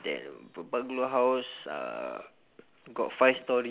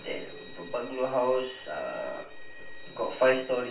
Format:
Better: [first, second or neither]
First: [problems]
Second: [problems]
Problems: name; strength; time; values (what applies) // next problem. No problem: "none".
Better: first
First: none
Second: background sound (Bowed string instrument); 18 dB below the speech // room echo; dies away in 0.4 s